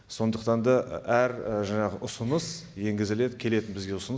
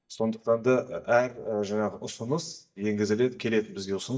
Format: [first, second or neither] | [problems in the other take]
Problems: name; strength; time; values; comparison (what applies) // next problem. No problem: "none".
first | noise reduction (neural mask model DeepFilterNet 3)